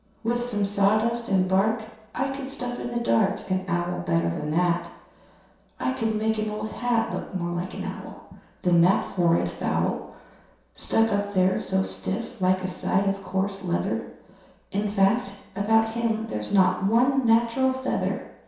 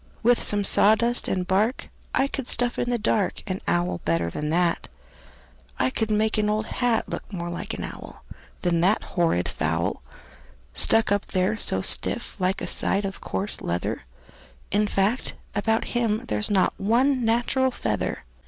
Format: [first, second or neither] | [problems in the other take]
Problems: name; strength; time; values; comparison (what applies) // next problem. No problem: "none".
second | room echo; dies away in 0.7 s